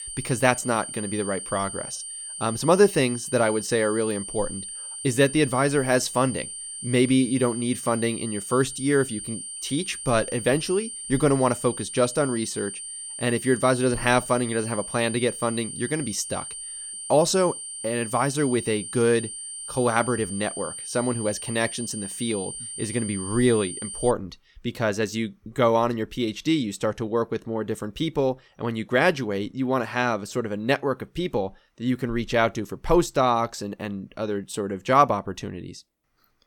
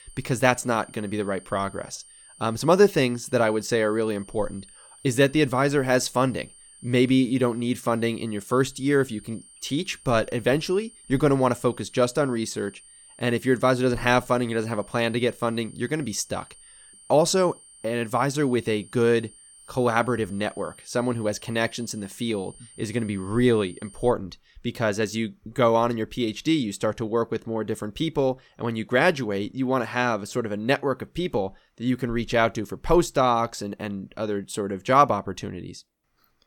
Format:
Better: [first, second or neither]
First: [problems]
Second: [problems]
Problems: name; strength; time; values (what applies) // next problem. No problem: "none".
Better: second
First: high-pitched whine; loud; until 24 s; 9 kHz, 8 dB below the speech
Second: high-pitched whine; faint; until 24 s; 9 kHz, 25 dB below the speech